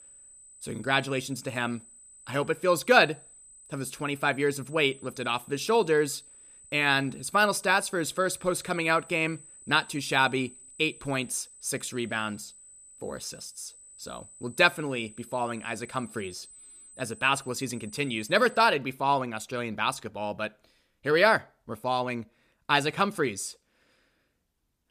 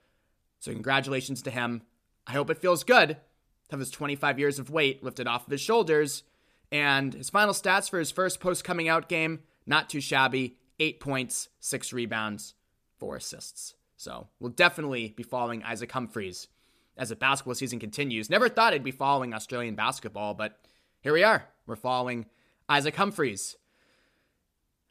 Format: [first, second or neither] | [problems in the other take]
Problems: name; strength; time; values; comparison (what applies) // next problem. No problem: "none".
second | high-pitched whine; faint; until 19 s; 8 kHz, 20 dB below the speech